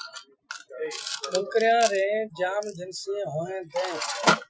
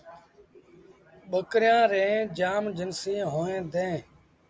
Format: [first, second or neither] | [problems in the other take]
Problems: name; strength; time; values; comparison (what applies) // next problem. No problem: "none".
second | noise reduction (classical method Wiener filter)